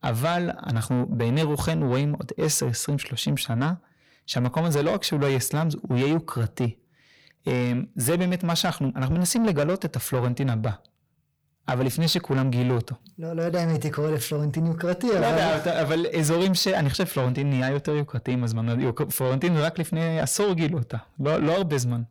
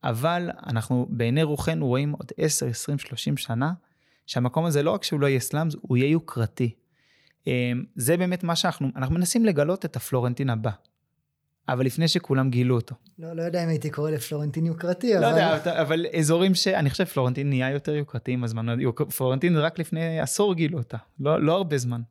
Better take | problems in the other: second | distortion; slight; 10 dB below the speech

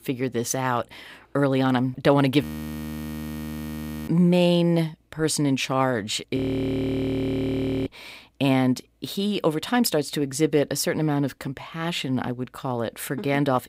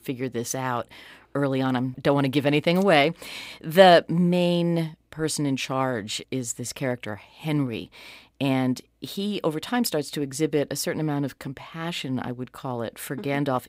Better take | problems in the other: second | audio freezing; at 2.5 s for 1.5 s and at 6.5 s for 1.5 s

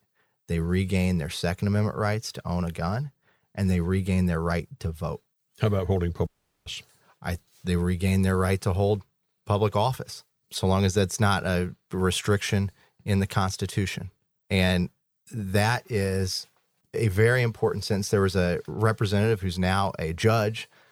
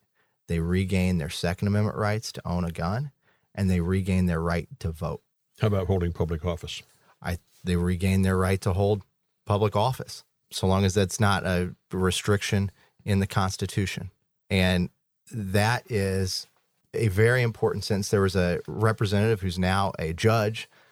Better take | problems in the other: second | audio cutting out; at 6.5 s

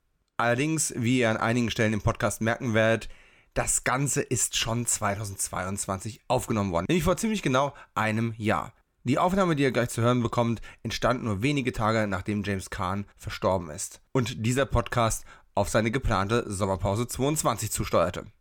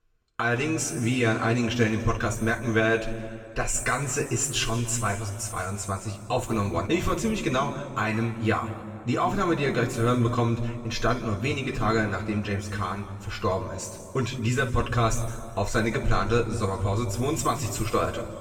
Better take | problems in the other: first | room echo; noticeable; dies away in 1.6 s // off-mic speech; far

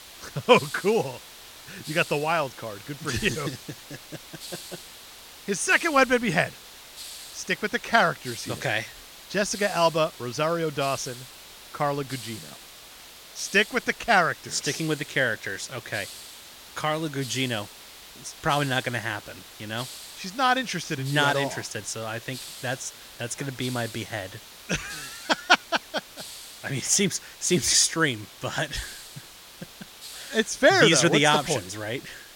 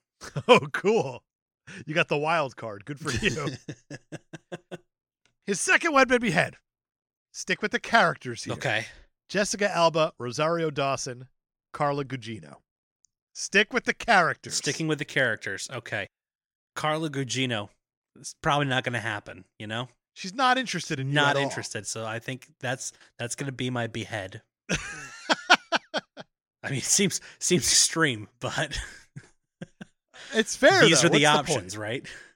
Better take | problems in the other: second | hiss; noticeable; throughout; 15 dB below the speech

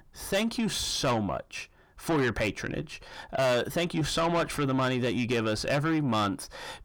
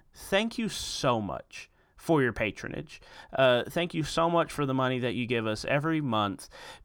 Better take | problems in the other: second | distortion; heavy; 8 dB below the speech

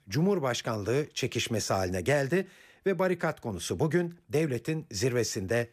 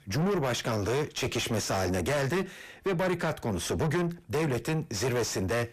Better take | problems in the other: first | distortion; heavy; 6 dB below the speech

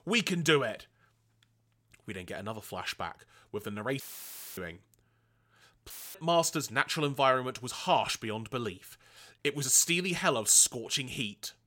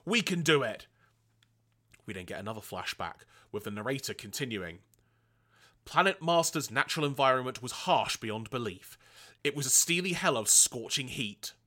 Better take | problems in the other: second | audio cutting out; filled with static; at 4 s for 0.5 s and at 6 s

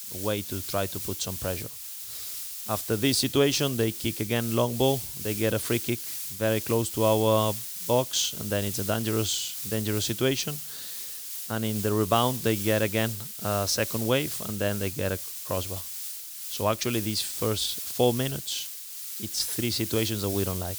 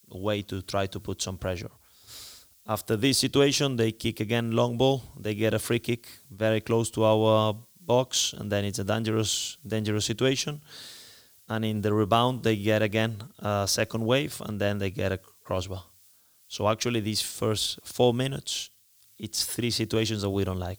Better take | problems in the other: second | hiss; loud; throughout; 5 dB below the speech; faint in the second

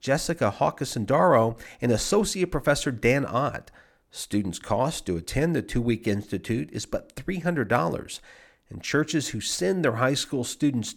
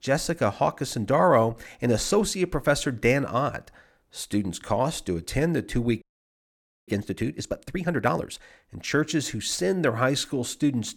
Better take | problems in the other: first | audio freezing; at 6 s for 1 s

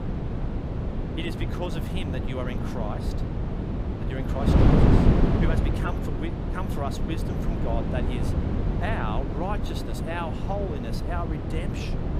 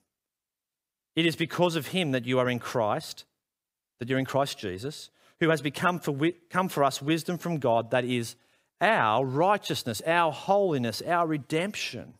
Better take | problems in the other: second | wind noise on the microphone; heavy; 1 dB above the speech

